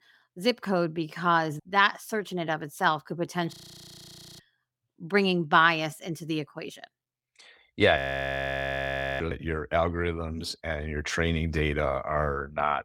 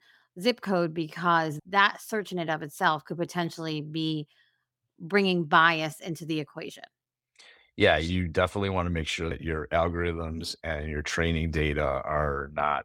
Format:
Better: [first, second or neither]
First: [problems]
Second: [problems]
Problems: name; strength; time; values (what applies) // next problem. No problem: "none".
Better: second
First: audio freezing; at 3.5 s for 1 s and at 8 s for 1 s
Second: none